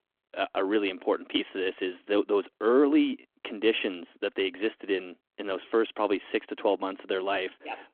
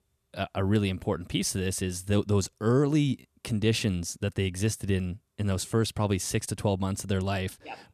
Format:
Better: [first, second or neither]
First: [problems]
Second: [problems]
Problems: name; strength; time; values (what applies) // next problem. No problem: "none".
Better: second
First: phone-call audio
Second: none